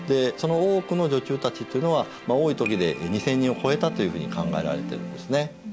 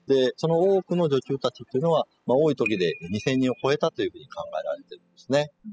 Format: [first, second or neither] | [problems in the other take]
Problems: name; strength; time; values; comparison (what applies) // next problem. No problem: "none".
first | noise reduction (classical method spectral subtraction)